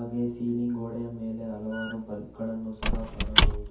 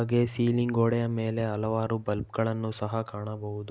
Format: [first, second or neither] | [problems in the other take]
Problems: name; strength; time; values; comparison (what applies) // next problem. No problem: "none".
second | background sound (Squeak / Wood); 3 dB above the speech // room echo; dies away in 0.6 s